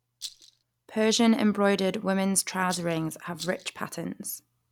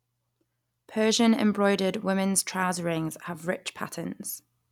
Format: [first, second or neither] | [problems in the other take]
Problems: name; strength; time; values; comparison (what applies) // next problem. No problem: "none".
second | background sound (Rattle); 15 dB below the speech